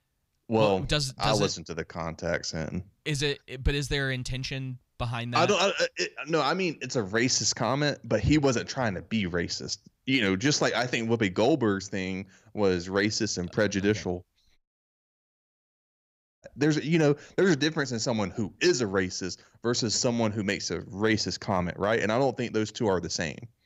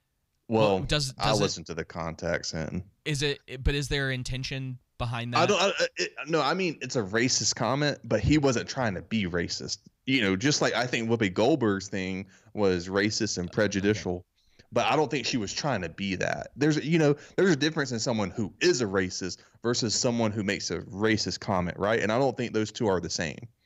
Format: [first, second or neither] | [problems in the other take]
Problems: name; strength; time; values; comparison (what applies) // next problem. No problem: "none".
second | audio cutting out; at 15 s for 2 s